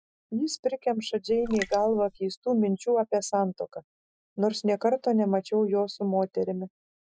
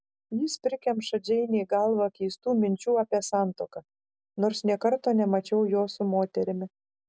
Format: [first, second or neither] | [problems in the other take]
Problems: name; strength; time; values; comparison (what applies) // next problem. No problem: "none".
second | noise reduction (classical method Wiener filter)